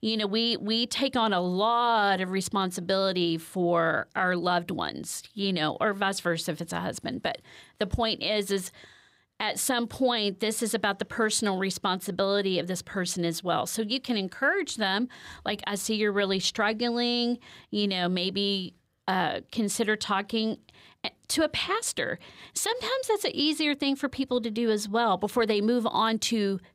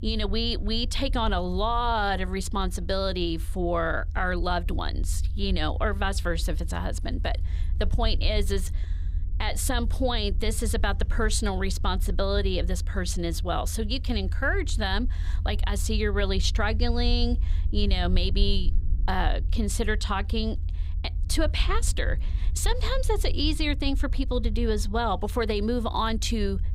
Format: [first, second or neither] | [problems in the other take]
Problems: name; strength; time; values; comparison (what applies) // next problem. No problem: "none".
first | low rumble; faint; throughout; 20 dB below the speech